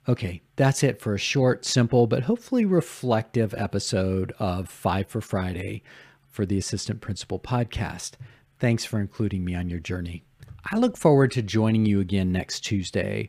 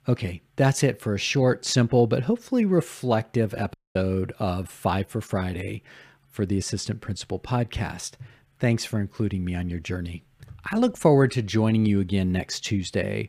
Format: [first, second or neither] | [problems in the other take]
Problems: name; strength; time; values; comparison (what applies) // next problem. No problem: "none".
first | audio cutting out; at 3.5 s